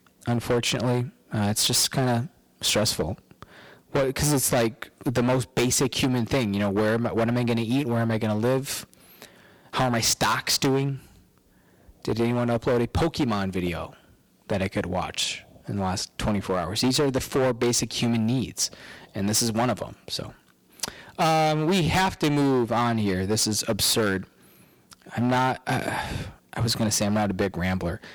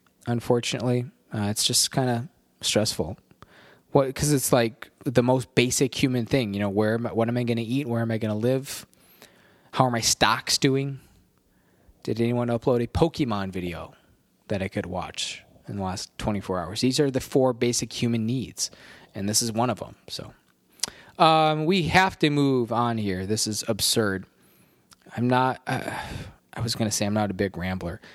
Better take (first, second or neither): second